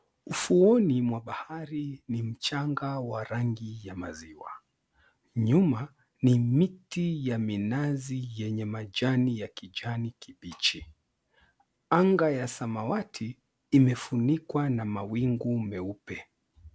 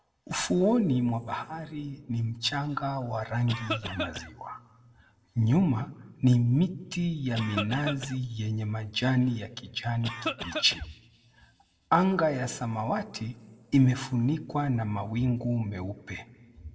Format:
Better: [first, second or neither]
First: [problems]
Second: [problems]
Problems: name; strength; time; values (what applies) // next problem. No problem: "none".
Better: first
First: none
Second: background sound (Cough); 6 dB below the speech // room echo; dies away in 0.5 s